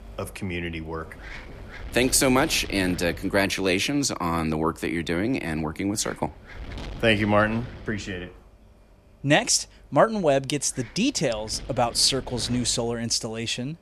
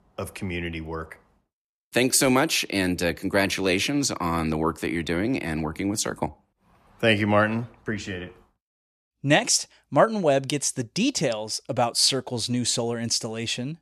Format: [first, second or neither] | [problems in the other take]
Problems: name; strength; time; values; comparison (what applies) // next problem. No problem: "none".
second | wind noise on the microphone; occasional gusts; 20 dB below the speech